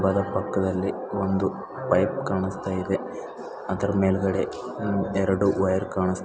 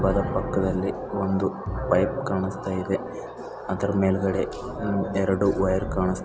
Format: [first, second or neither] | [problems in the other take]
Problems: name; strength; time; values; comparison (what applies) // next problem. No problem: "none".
first | background sound (Thunder / Rain + Bowed string instrument); 11 dB below the speech